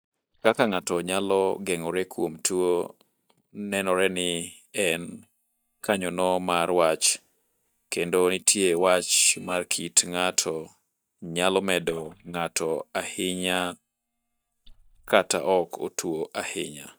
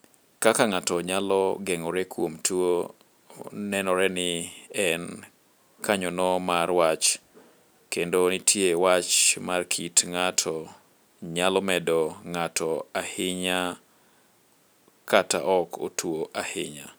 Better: second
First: noise reduction (neural mask model DeepFilterNet 3)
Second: none

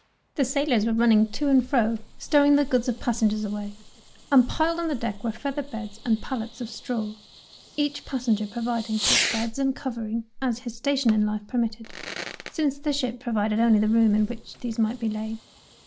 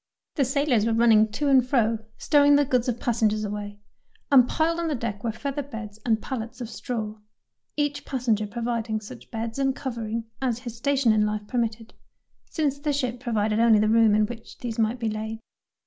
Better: second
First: background sound (Fireworks); 13 dB below the speech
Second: none

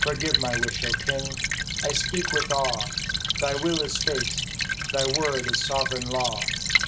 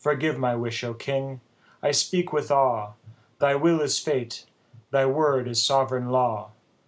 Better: second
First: background sound (Stream / Trickle, dribble); 2 dB above the speech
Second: none

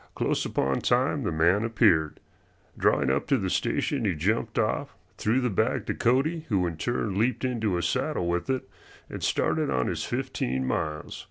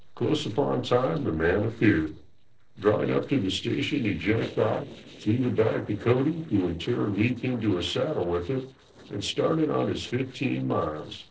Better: first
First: none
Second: noise reduction (neural separator model SepFormer DNS4)

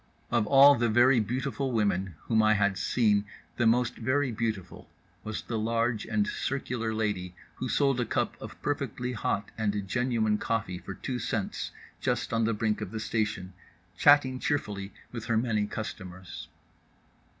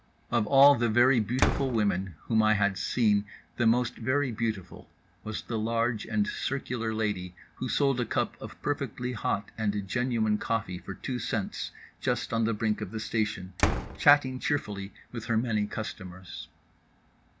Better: first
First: none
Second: background sound (Slam); 7 dB below the speech

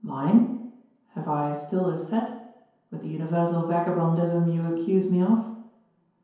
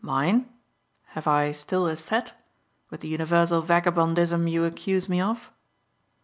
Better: second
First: room echo; dies away in 0.9 s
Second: none

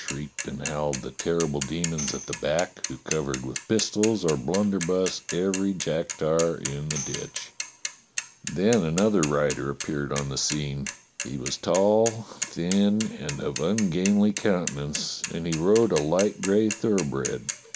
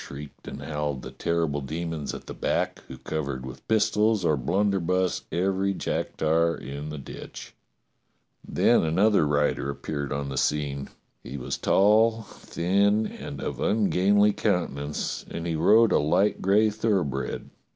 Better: second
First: background sound (Mechanisms / Bicycle + Tambourine); 10 dB below the speech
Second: none

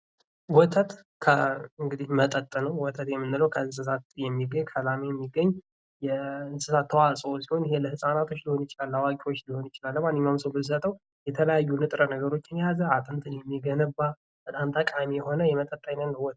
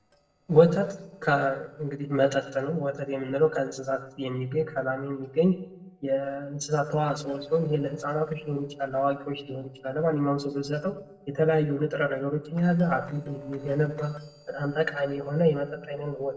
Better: first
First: none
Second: noise reduction (neural separator model SepFormer DNS4)

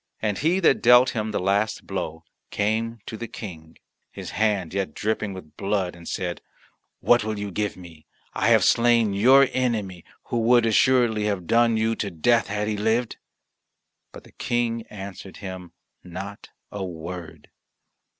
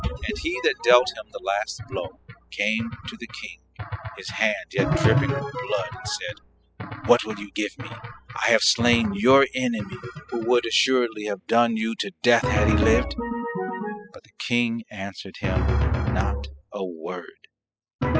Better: first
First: none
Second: noise reduction (classical method spectral subtraction)

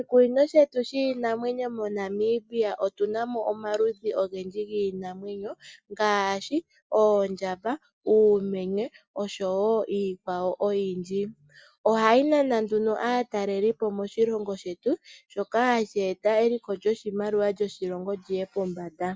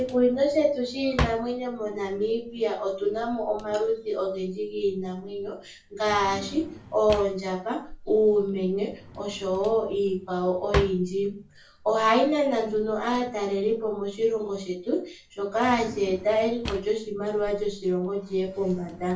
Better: first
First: none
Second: background sound (Drawer open or close); 14 dB below the speech // room echo; dies away in 0.3 s

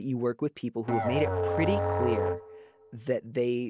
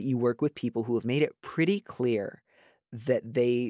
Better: second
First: background sound (Musical instrument); 1 dB above the speech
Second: none

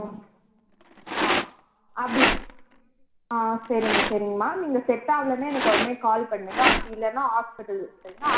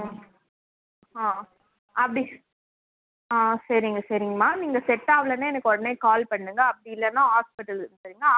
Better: second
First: background sound (Rattle); 2 dB below the speech // room echo; dies away in 1.3 s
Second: none

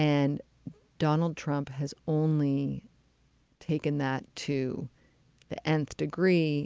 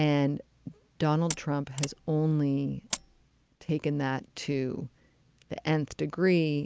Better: first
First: none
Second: background sound (Mechanisms); 11 dB below the speech

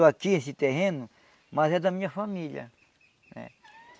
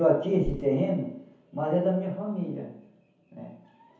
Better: first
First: none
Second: background sound (Bird); 14 dB below the speech // room echo; dies away in 0.7 s

